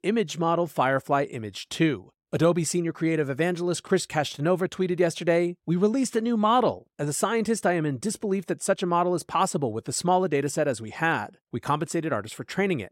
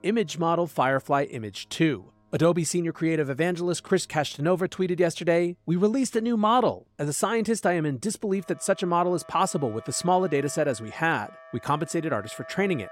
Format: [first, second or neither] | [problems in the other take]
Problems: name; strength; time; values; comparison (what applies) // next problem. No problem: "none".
first | background music; faint; throughout; 20 dB below the speech